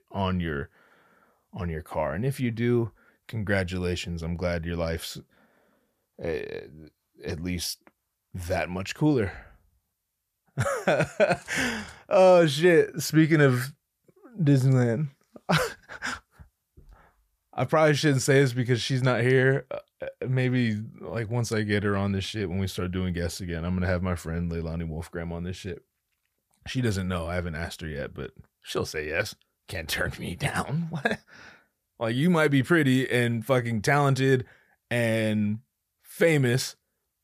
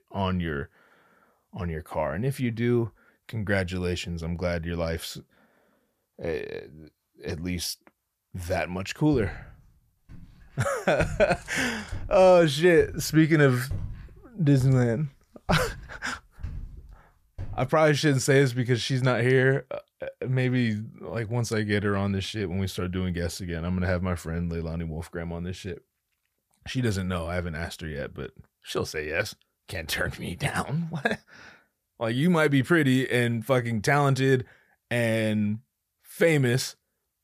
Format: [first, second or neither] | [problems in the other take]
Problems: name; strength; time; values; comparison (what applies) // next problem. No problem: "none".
first | footsteps; faint; from 9 to 18 s; peak 10 dB below the speech